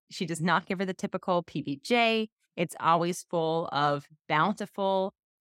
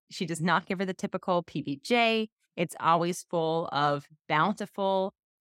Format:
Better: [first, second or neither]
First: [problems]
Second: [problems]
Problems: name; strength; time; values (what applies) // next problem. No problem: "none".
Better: neither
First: none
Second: none